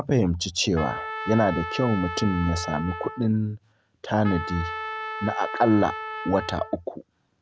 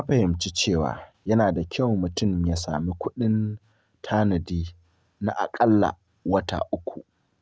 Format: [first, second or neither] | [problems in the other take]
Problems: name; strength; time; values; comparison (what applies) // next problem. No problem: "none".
second | background sound (Trumpet); 9 dB below the speech